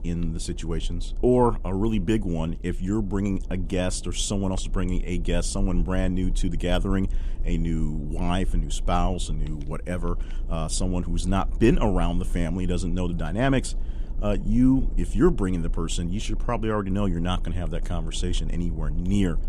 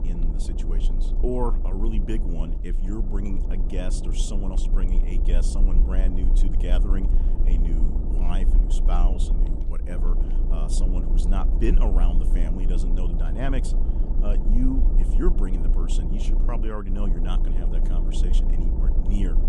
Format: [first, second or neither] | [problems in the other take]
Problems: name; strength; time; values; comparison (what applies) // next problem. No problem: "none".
first | low rumble; loud; throughout; 5 dB below the speech; faint in the first